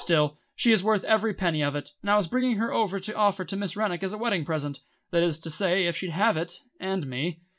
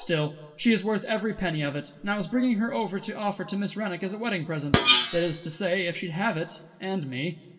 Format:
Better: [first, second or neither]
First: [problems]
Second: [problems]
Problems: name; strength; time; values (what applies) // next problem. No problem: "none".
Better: first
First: none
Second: background sound (Screech); 2 dB above the speech // room echo; dies away in 2 s